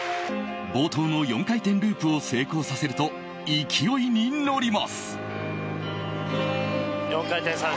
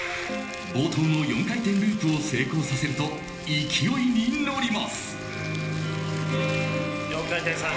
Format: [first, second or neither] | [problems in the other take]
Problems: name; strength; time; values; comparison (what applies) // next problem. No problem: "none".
first | background sound (Crumpling, crinkling); 17 dB below the speech // room echo; dies away in 1 s